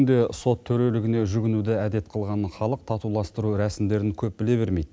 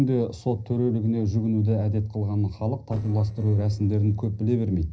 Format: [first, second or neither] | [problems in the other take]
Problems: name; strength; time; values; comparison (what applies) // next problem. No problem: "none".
first | noise reduction (neural separator model SepFormer DNS4)